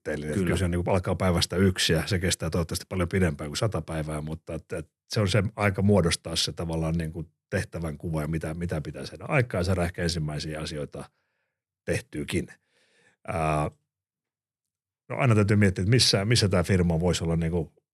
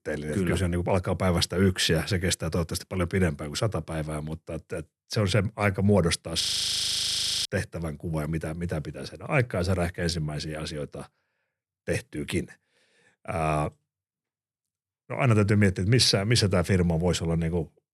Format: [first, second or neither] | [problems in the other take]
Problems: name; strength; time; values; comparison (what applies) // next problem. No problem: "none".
first | audio freezing; at 6.5 s for 1 s